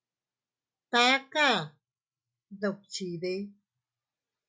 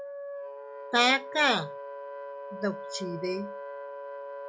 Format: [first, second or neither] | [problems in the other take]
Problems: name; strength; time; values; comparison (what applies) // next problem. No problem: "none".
first | background sound (Wind instrument, woodwind instrument); 8 dB below the speech